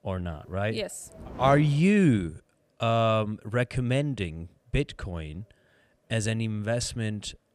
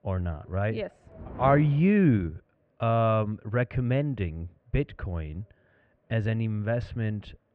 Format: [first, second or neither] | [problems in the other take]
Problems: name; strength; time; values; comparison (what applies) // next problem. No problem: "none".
first | muffled; very; fading above 2.5 kHz